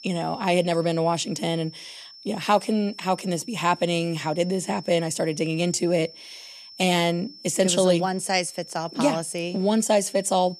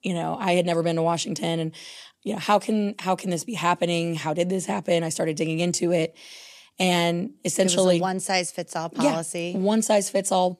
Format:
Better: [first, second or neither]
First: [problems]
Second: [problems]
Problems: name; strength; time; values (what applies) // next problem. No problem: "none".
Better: second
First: high-pitched whine; noticeable; throughout; 5.5 kHz, 20 dB below the speech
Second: none